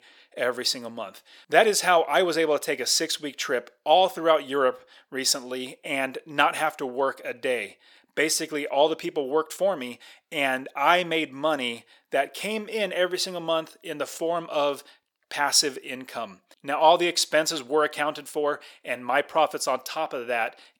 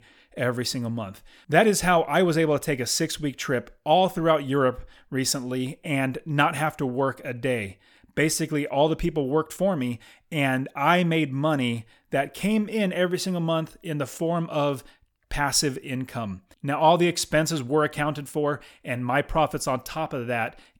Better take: second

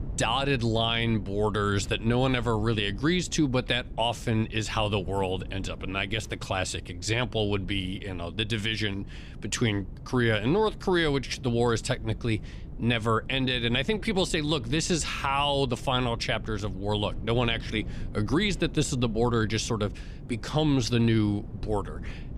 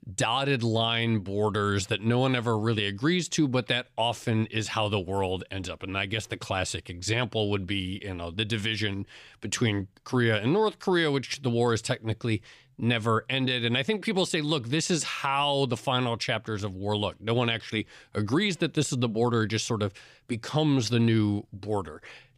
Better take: second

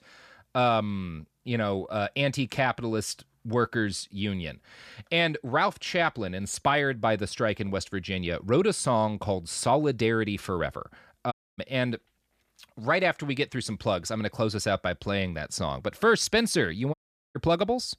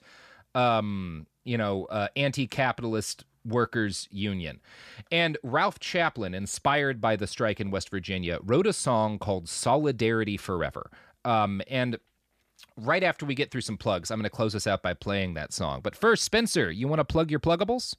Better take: second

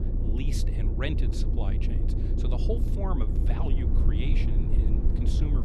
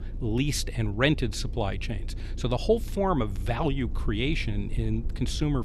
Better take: second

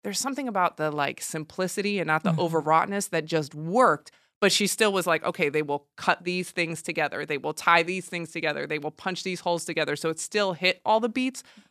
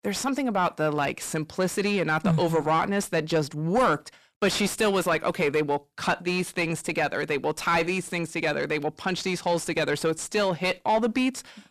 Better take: first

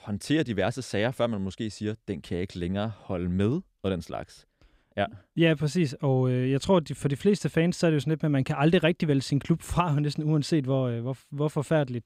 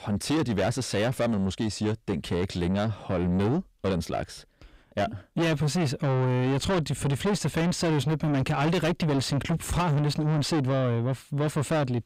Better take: first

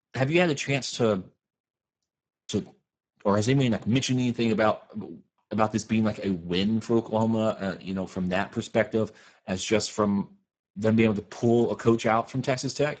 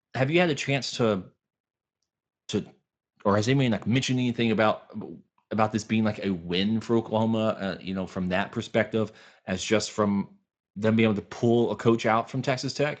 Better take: second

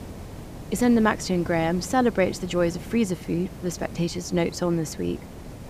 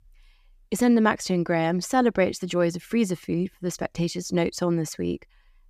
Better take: second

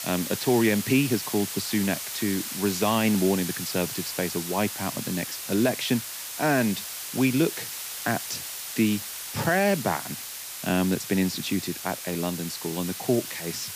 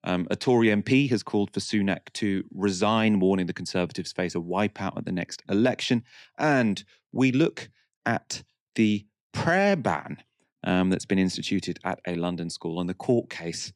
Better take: second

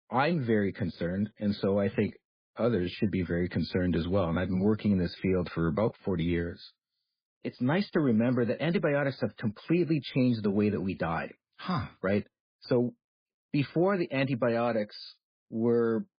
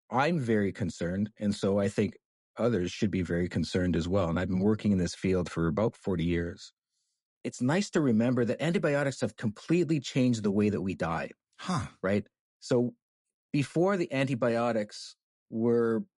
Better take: second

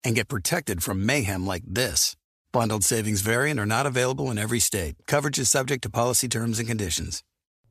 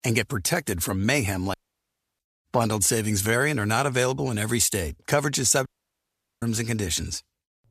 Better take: first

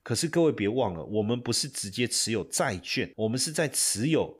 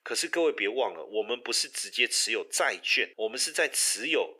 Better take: first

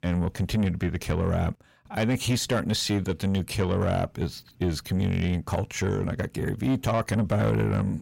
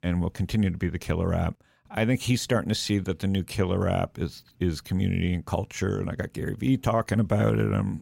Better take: second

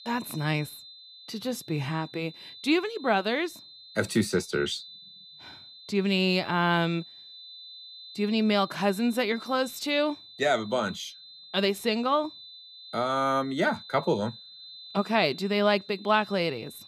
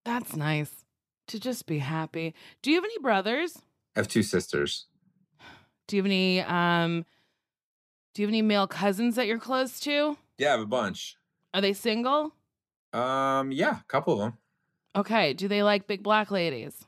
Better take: second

